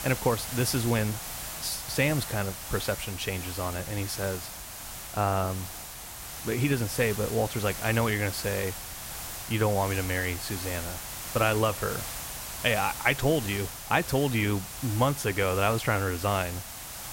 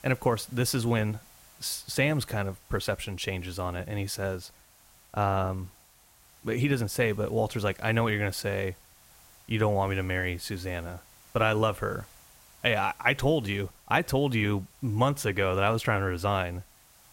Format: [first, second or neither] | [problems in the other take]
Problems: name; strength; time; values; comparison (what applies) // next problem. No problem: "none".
second | hiss; loud; throughout; 8 dB below the speech; faint in the second